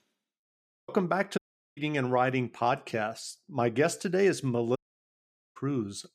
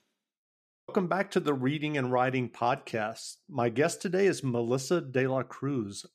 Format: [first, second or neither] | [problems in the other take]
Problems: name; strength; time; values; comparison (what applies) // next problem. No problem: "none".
second | audio cutting out; at 1.5 s and at 5 s for 1 s